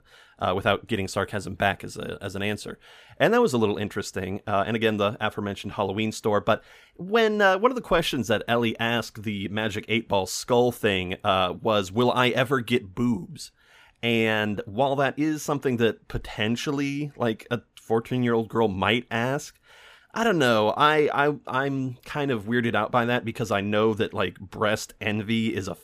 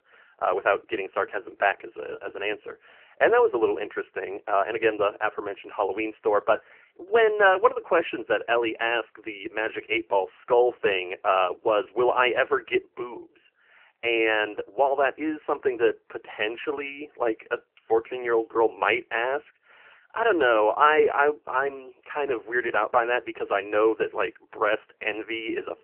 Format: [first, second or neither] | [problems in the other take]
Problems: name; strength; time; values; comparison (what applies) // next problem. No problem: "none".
first | phone-call audio; poor line; nothing above 3 kHz